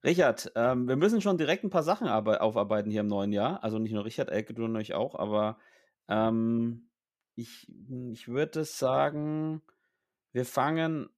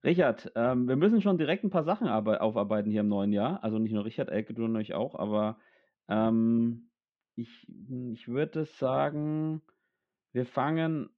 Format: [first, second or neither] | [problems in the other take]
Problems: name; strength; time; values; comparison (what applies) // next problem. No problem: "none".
first | muffled; very; fading above 3.5 kHz